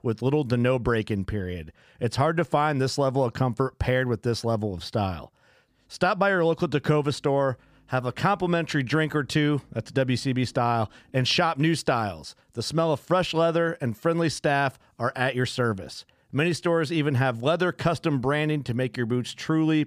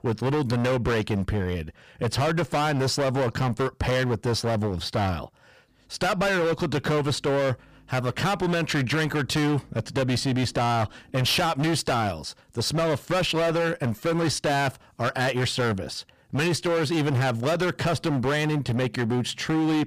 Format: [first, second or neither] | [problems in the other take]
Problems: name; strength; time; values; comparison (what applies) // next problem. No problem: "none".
first | distortion; heavy; 24% of the sound clipped